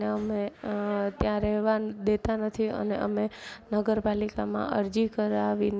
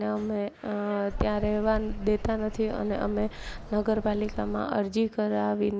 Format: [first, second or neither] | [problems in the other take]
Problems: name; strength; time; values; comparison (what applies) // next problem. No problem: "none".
first | background sound (Bird vocalization, bird call, bird song); 9 dB below the speech